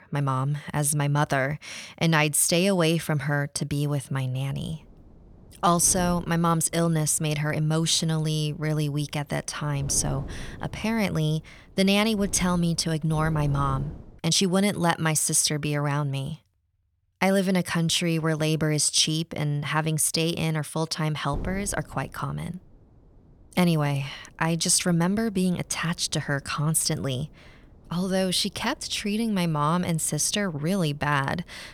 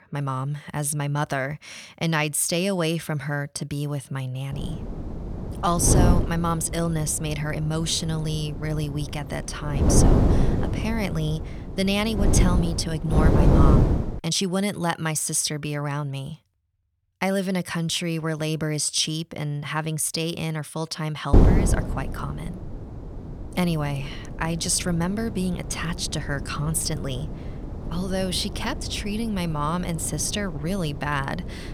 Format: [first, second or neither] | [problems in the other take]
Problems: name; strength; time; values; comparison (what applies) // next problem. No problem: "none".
first | wind noise on the microphone; heavy; from 4.5 to 14 s and from 21 s on; 4 dB below the speech; occasional gusts in the first